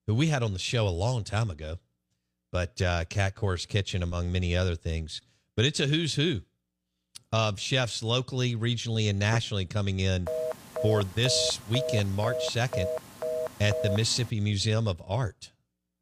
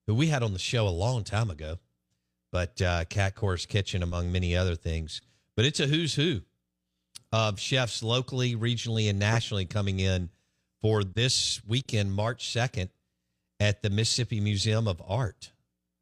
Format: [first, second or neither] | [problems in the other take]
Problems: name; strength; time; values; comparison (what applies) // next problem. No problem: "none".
second | phone ringing; noticeable; from 10 to 14 s; peak 4 dB below the speech